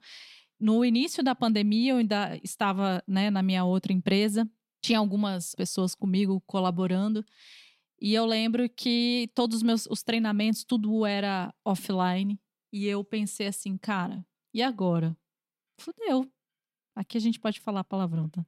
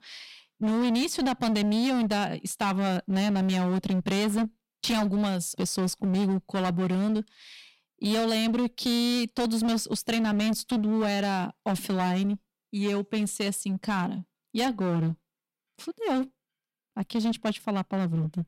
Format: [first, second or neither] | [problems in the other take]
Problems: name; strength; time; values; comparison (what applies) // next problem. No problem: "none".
first | distortion; slight; 24% of the sound clipped